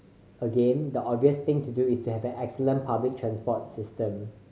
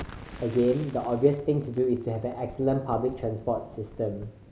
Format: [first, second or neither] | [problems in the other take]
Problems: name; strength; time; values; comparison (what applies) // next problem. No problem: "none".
first | background sound (Explosion); 17 dB below the speech